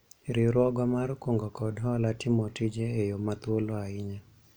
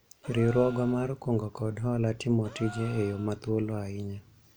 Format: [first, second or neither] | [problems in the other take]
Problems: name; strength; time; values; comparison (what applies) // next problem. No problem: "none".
first | background sound (Gasp); 20 dB below the speech